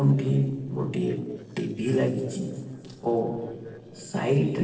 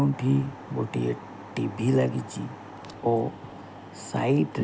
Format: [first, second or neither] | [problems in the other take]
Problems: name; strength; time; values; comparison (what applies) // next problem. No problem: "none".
second | noise reduction (neural separator model SepFormer DNS4)